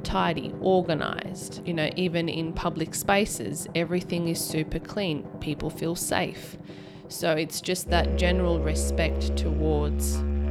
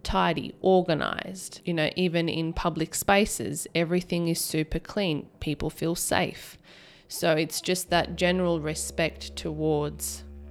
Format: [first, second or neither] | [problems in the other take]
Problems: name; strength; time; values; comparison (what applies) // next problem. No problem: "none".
second | background music; loud; throughout; 5 dB below the speech; faint in the second